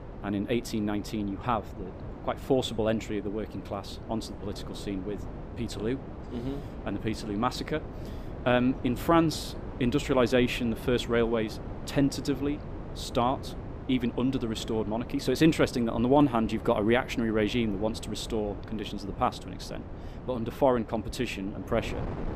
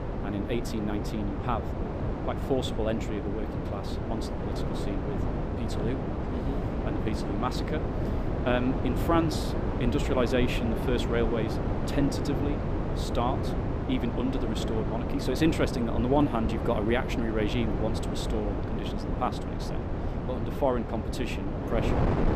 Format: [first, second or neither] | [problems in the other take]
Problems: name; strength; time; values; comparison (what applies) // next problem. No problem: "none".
first | wind noise on the microphone; heavy; 3 dB below the speech; occasional gusts in the first